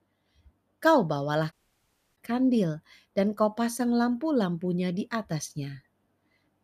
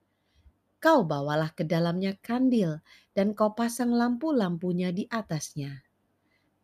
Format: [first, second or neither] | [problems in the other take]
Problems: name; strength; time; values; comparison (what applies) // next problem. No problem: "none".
second | audio cutting out; at 1.5 s for 0.5 s